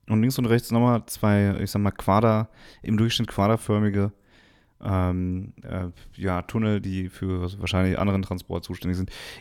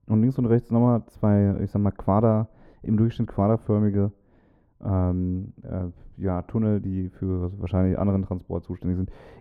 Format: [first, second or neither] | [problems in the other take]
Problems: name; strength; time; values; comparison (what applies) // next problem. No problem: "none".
first | muffled; very; fading above 1.5 kHz